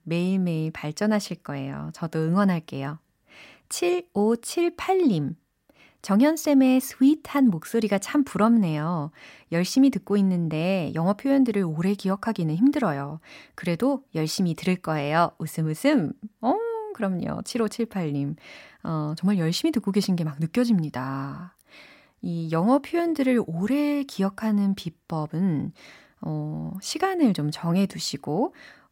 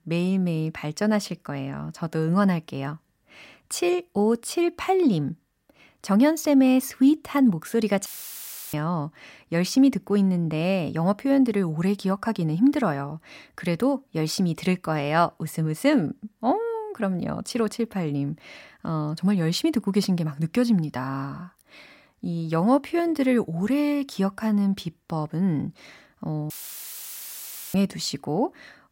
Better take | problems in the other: first | audio cutting out; filled with static; at 8 s for 0.5 s and at 27 s for 1 s

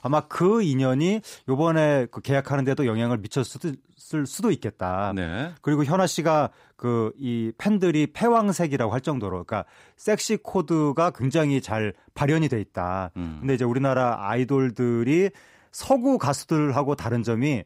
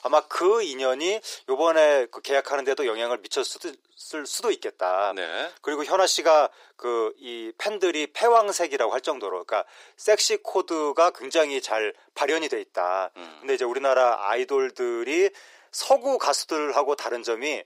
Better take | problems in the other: first | thin; very; fading below 400 Hz

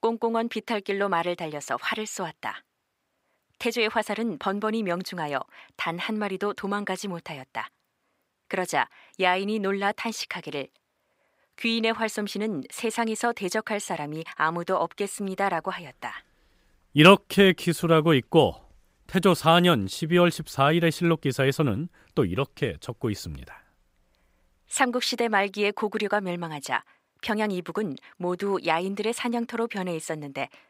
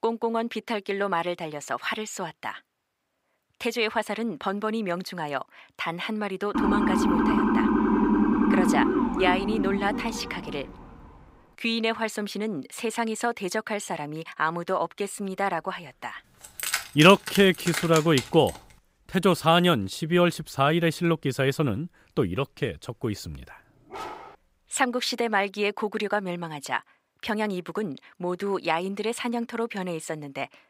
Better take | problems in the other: first | siren; loud; from 6.5 to 11 s; peak 5 dB above the speech // jangling keys; noticeable; from 16 to 19 s; peak 2 dB below the speech // dog barking; faint; at 24 s; peak 10 dB below the speech

